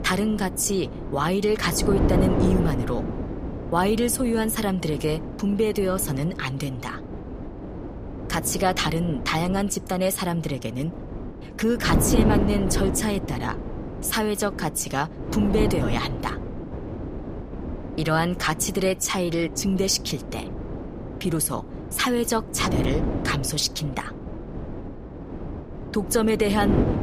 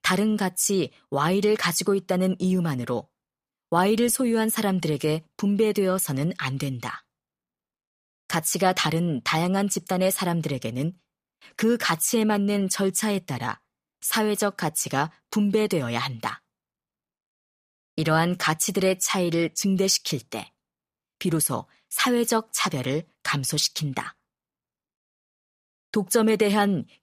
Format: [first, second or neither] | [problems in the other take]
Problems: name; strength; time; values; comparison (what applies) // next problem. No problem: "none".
second | wind noise on the microphone; heavy; 9 dB below the speech